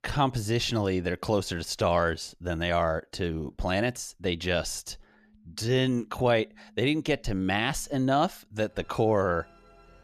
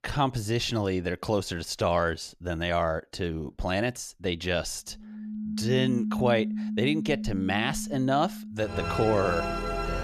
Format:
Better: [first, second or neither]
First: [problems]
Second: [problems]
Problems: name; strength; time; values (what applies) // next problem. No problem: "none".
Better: first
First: background music; faint; from 5.5 s on; 30 dB below the speech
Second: background music; loud; from 5.5 s on; 4 dB below the speech